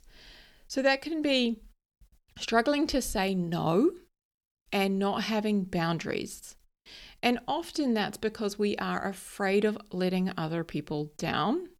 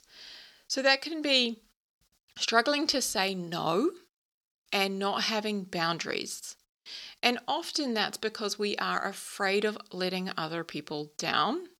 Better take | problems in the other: first | thin; very slightly; fading below 400 Hz

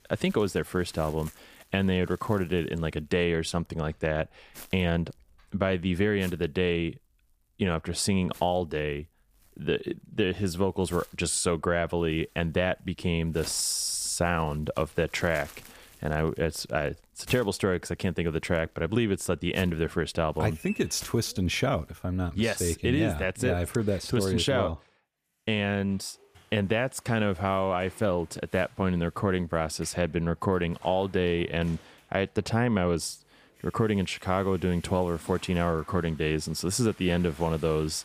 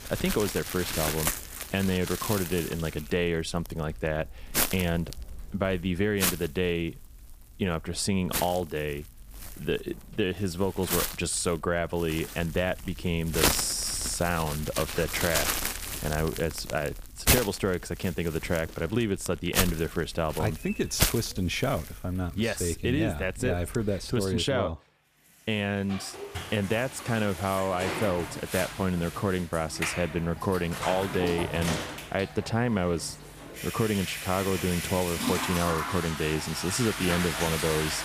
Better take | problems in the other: first | household noises; loud; throughout; 3 dB below the speech; faint in the first

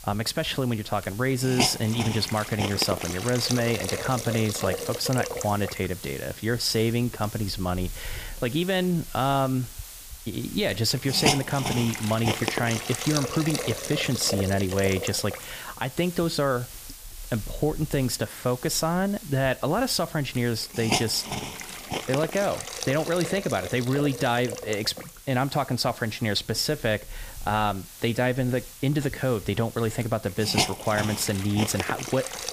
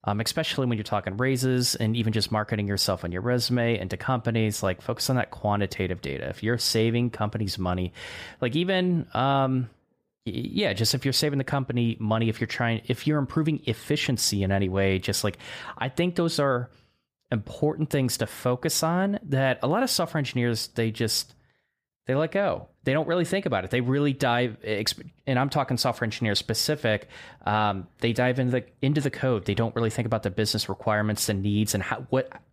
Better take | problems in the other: second | hiss; loud; throughout; 7 dB below the speech

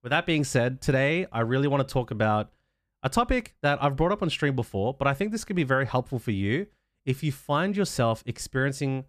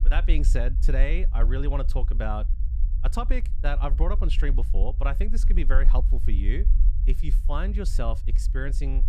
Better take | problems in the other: first | low rumble; noticeable; throughout; 15 dB below the speech

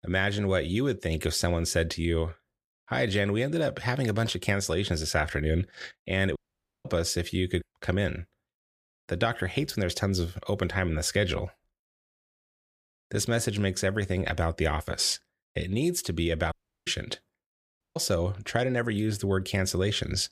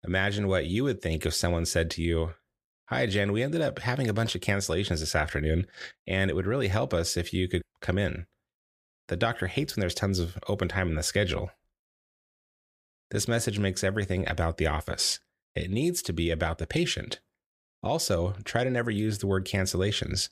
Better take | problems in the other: second | audio cutting out; at 6.5 s, at 17 s and at 18 s

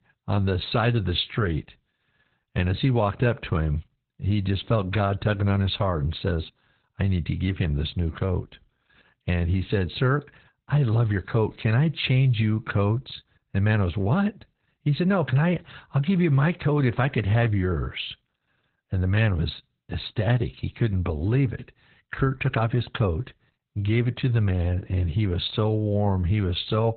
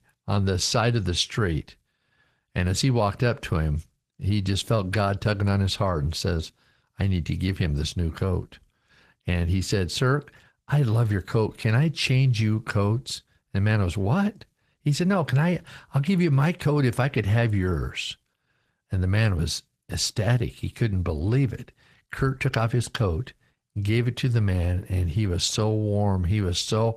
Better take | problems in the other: second | garbled, watery; badly; nothing above 4 kHz; slightly in the second

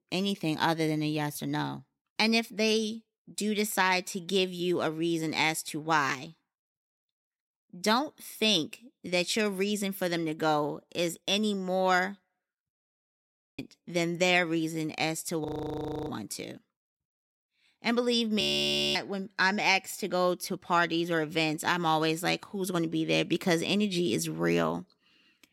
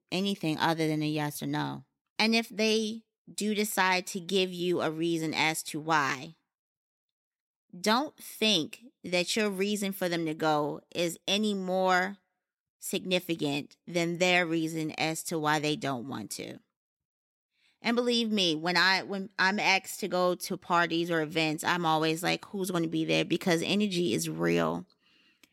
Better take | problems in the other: second | audio freezing; at 13 s for 1 s, at 15 s for 0.5 s and at 18 s for 0.5 s

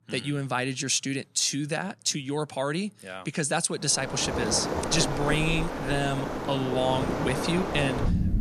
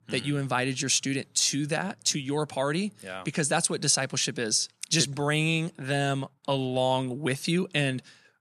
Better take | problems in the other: second | rain or running water; loud; from 4 s on; 3 dB below the speech

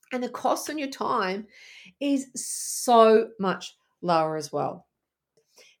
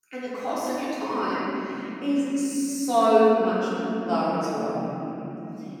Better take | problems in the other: first | room echo; strong; dies away in 3 s // off-mic speech; far

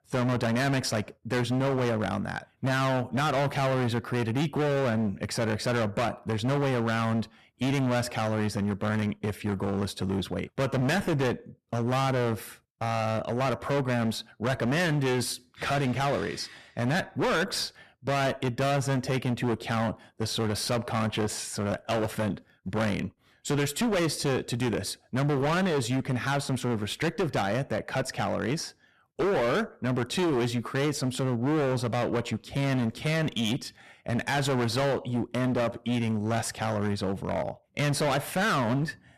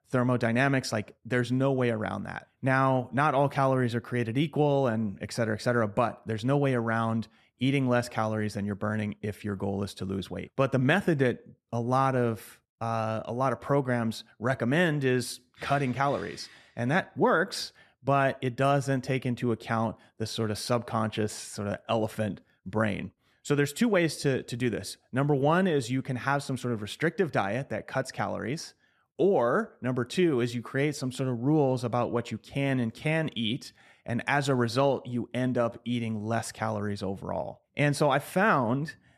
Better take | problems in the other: second | distortion; heavy; 27% of the sound clipped

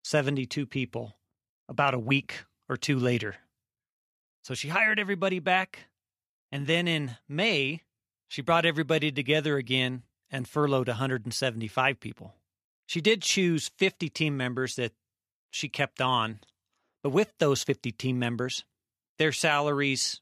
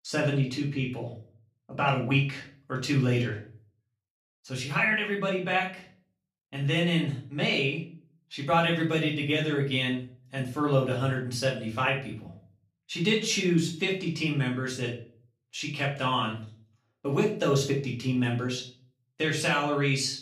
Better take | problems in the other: first | off-mic speech; far // room echo; slight; dies away in 0.4 s

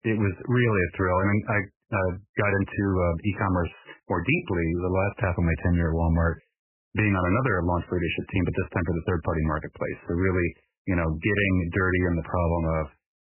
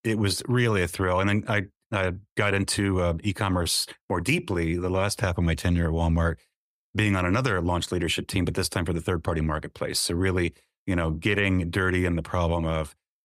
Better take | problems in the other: second | garbled, watery; badly; nothing above 2.5 kHz

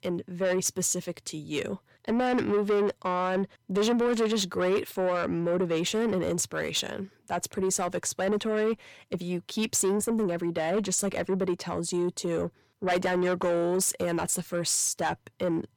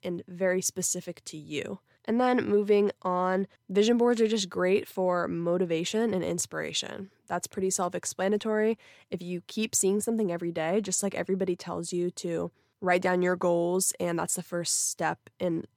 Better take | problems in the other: second | distortion; slight; 10 dB below the speech

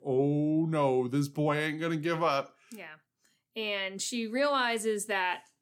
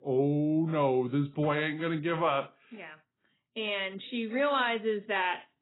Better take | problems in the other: first | garbled, watery; badly; nothing above 4 kHz

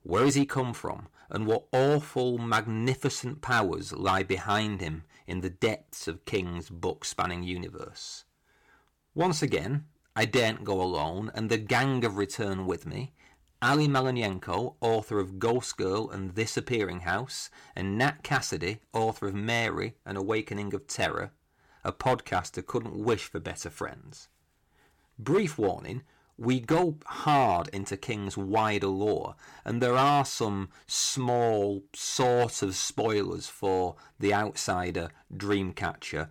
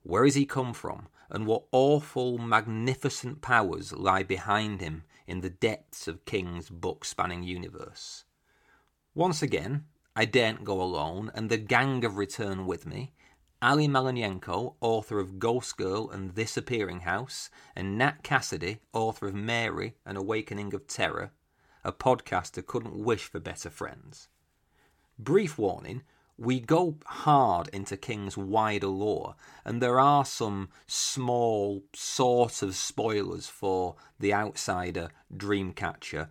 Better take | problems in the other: second | distortion; slight; 3% of the sound clipped

